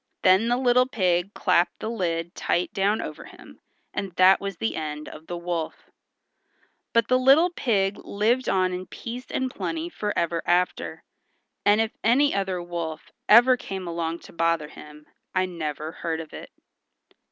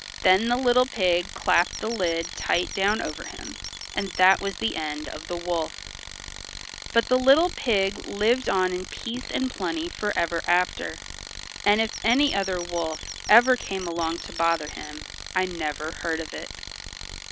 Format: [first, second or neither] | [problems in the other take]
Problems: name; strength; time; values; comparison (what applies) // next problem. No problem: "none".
first | background sound (Squeak / Chirp, tweet + Tools); 11 dB below the speech